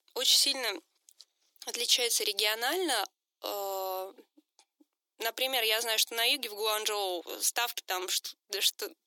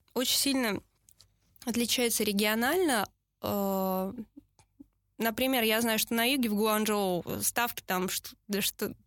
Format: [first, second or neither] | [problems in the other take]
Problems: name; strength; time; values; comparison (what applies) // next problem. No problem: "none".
second | thin; very; fading below 300 Hz